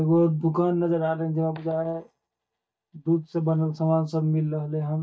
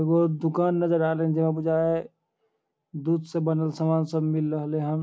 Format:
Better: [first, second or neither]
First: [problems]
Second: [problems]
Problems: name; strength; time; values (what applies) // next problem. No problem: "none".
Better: second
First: noise reduction (neural mask model DeepFilterNet 3)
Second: none